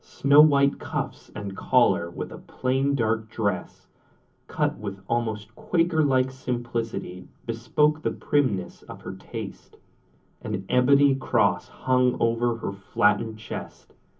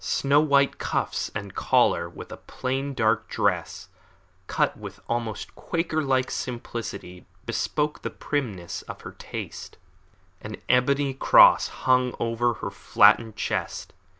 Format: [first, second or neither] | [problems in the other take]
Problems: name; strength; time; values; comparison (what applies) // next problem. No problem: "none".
second | room echo; dies away in 0.3 s